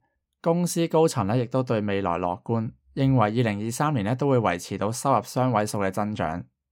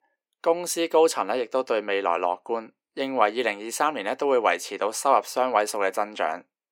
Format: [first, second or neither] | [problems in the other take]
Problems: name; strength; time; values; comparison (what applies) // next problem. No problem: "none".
first | thin; very; fading below 350 Hz